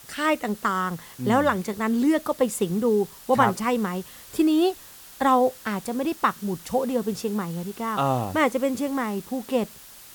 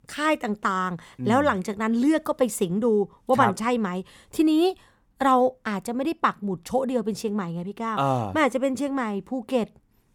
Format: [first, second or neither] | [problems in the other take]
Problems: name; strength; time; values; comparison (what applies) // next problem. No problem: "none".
second | hiss; noticeable; throughout; 20 dB below the speech